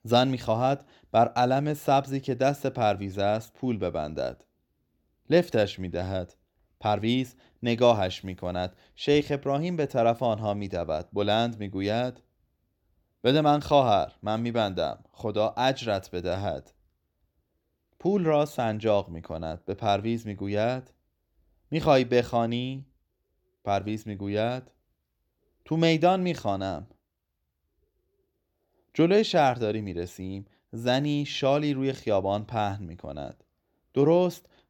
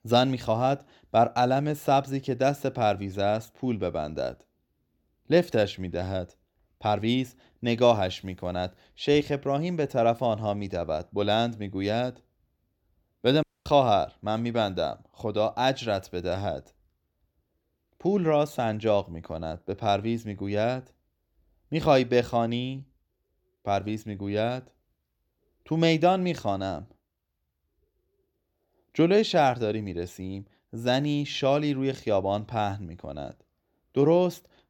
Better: first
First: none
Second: audio cutting out; at 13 s

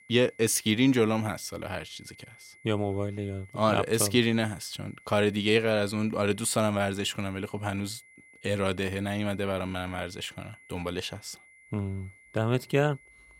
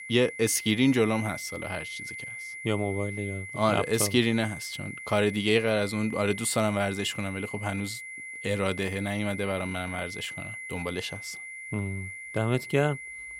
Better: first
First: high-pitched whine; faint; throughout; 2 kHz, 25 dB below the speech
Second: high-pitched whine; loud; throughout; 2 kHz, 10 dB below the speech

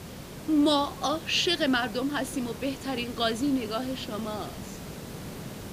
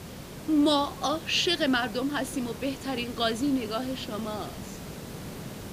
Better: neither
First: hiss; noticeable; throughout; 15 dB below the speech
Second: hiss; noticeable; throughout; 15 dB below the speech

